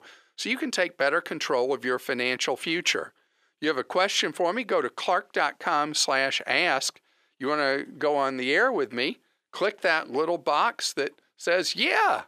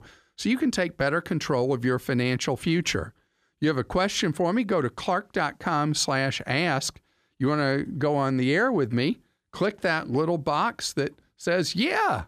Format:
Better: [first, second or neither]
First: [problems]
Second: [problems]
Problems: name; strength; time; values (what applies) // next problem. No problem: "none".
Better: second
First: thin; somewhat; fading below 450 Hz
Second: none